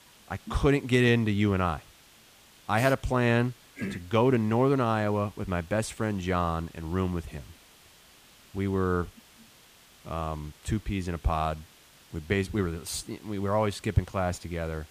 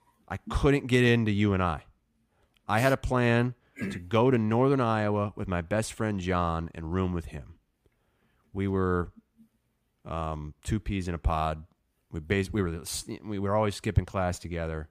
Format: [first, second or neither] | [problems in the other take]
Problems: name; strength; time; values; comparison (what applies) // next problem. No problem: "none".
second | hiss; faint; throughout; 25 dB below the speech